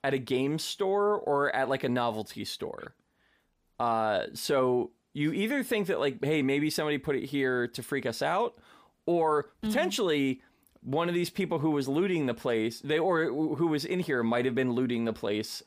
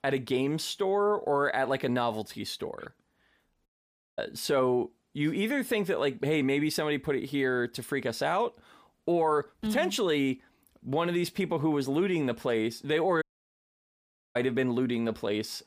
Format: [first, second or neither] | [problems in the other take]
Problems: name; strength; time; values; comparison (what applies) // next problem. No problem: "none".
first | audio cutting out; at 3.5 s for 0.5 s and at 13 s for 1 s